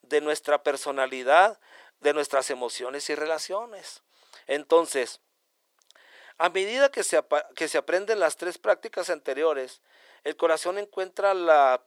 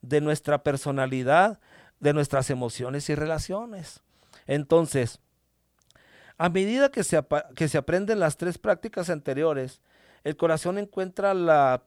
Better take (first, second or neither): second